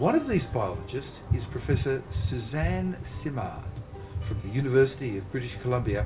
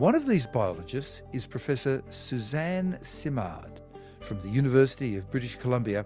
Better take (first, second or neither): second